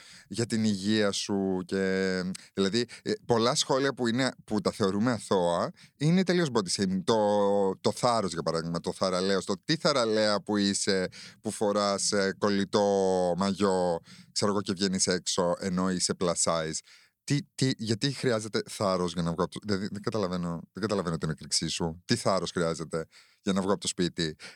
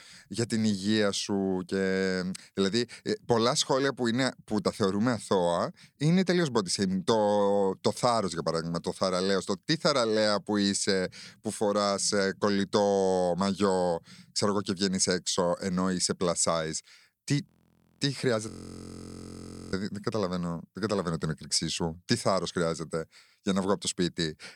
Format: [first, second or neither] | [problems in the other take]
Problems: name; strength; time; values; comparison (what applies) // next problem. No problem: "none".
first | audio freezing; at 17 s for 0.5 s and at 18 s for 1 s